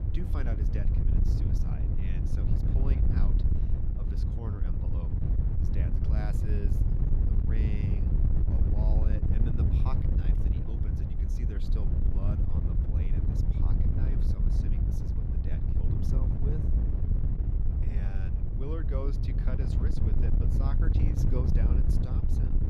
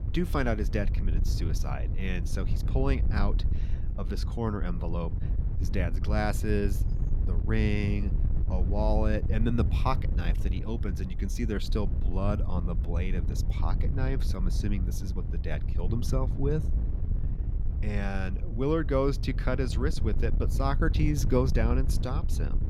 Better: second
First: wind noise on the microphone; heavy; 3 dB above the speech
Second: wind noise on the microphone; occasional gusts; 10 dB below the speech

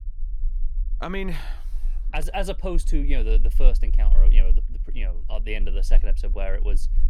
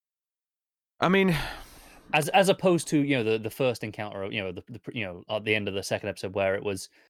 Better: second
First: low rumble; noticeable; throughout; 20 dB below the speech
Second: none

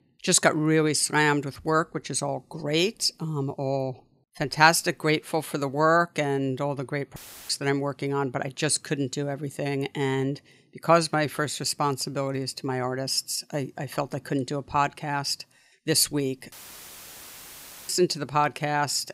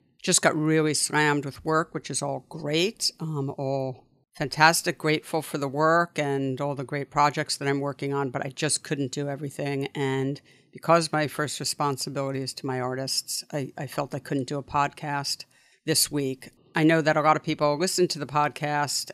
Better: second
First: audio cutting out; filled with static; at 7 s and at 17 s for 1.5 s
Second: none

